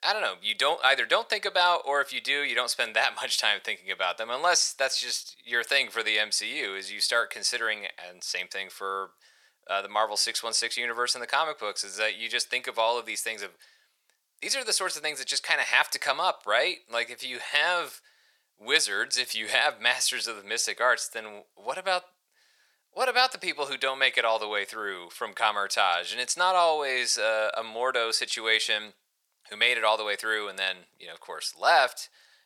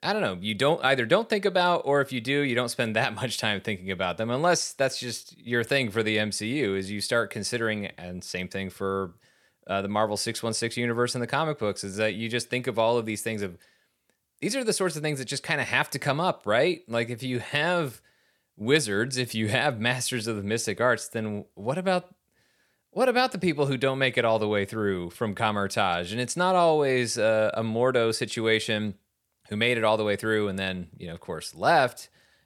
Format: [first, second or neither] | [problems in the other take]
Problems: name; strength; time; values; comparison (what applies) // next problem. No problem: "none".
second | thin; very; fading below 850 Hz